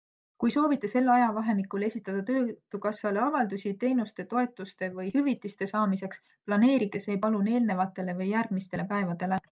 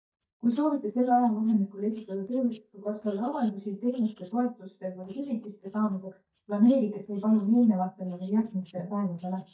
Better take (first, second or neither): first